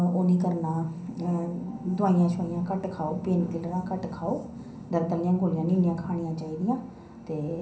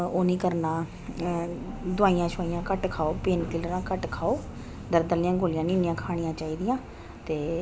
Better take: second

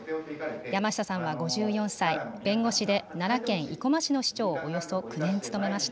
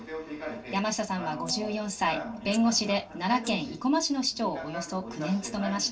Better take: first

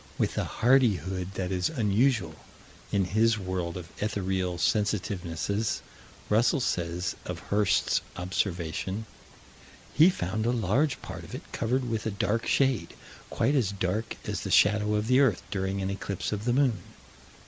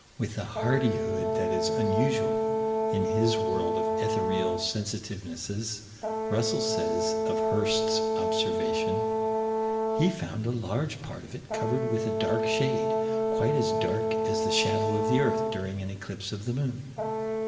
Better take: first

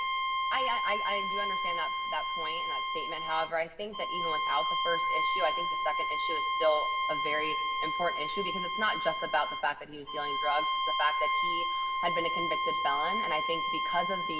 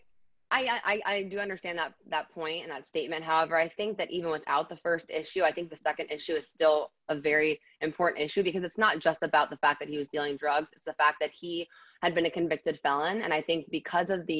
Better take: second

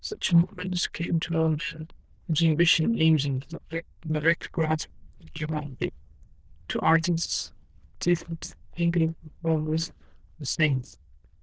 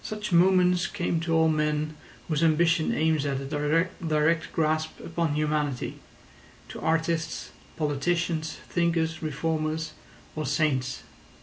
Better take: second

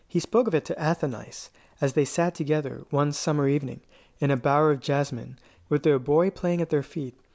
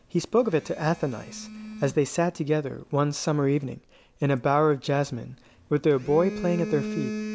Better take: first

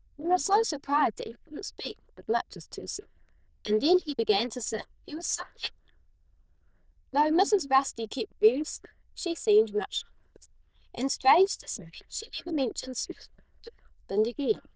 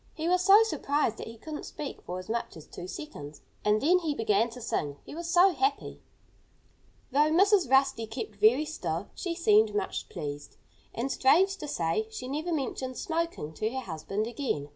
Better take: second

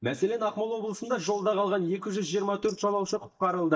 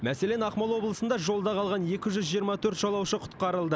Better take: second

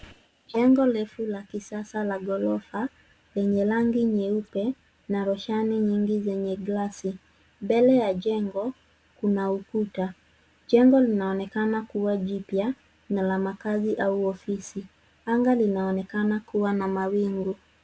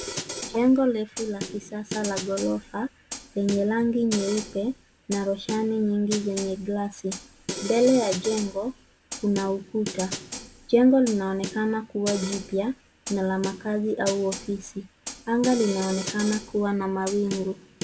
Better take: first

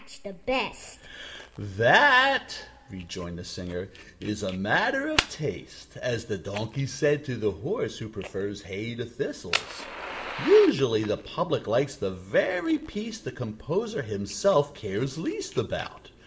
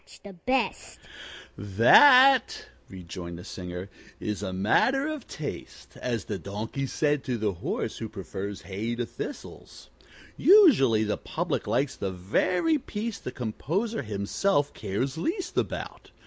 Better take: second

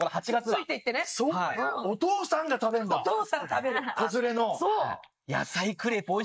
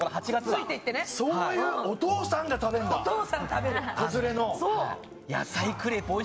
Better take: second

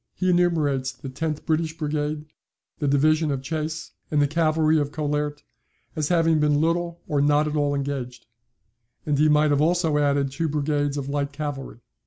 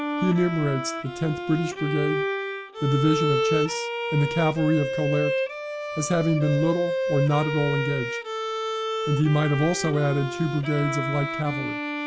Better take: first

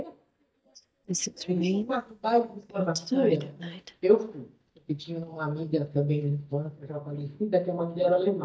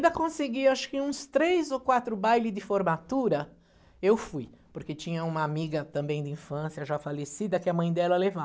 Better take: second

